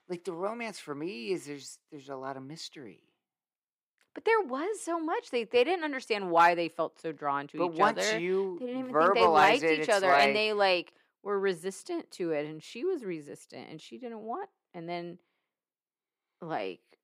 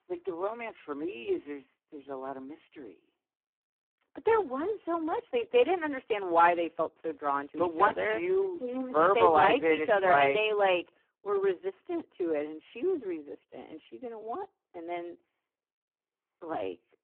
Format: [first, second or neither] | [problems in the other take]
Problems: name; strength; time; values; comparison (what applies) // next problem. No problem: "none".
first | phone-call audio; poor line